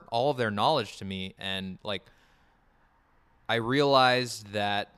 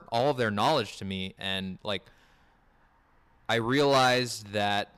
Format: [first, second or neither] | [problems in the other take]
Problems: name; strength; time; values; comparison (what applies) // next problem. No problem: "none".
first | distortion; slight; 4% of the sound clipped